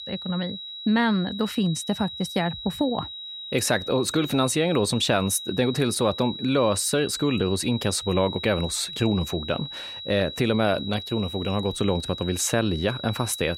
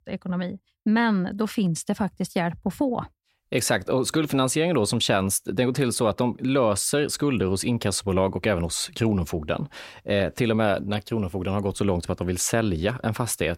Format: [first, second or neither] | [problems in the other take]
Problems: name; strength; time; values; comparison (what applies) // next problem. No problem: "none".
second | high-pitched whine; loud; throughout; 4 kHz, 9 dB below the speech